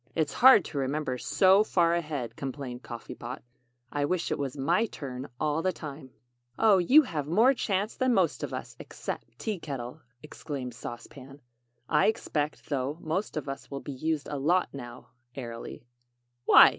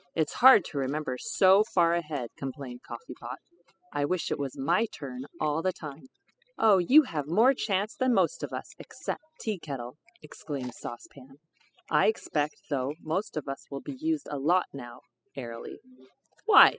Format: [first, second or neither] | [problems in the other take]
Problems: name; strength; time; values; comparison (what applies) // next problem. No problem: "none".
first | noise reduction (classical method spectral subtraction)